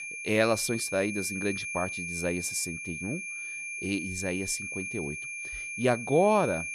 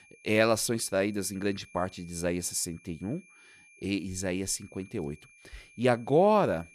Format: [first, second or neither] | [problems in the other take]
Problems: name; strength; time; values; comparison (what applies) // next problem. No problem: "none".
second | high-pitched whine; loud; throughout; 2.5 kHz, 5 dB below the speech; faint in the second